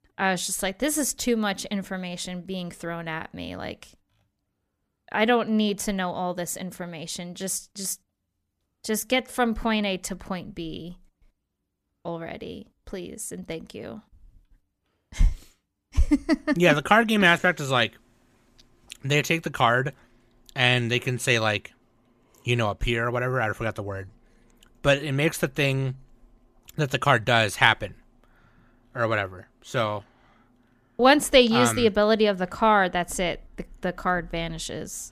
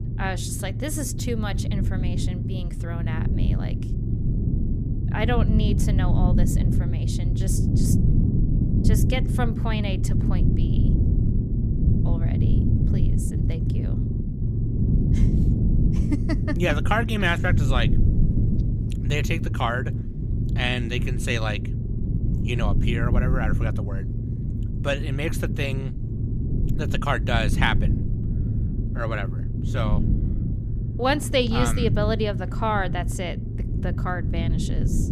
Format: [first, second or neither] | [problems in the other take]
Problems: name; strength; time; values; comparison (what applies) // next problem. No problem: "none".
first | low rumble; loud; throughout; 7 dB below the speech